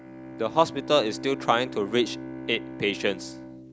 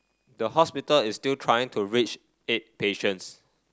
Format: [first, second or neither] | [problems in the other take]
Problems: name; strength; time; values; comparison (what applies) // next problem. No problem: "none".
second | background sound (Bowed string instrument); 11 dB below the speech